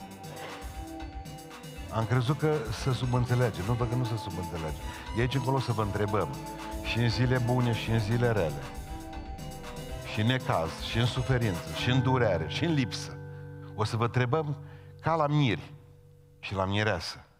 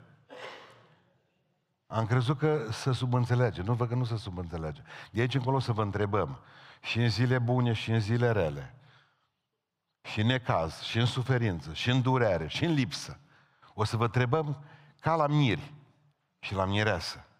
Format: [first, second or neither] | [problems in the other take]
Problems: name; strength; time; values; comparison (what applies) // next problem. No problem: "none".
second | background music; noticeable; throughout; 10 dB below the speech